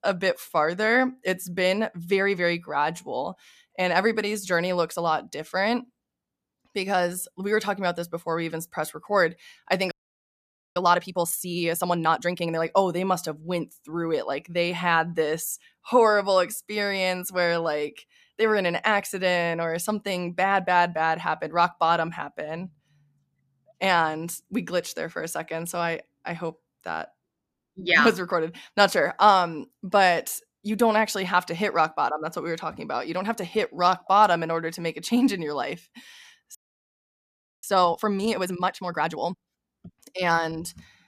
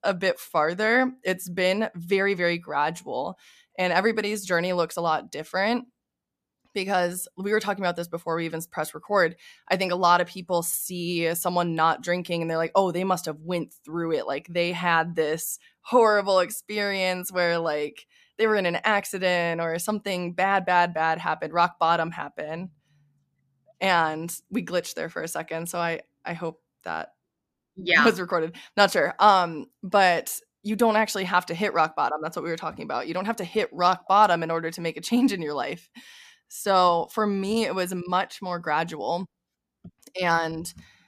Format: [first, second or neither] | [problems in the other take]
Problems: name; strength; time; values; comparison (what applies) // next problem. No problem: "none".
second | audio freezing; at 10 s for 1 s and at 37 s for 1 s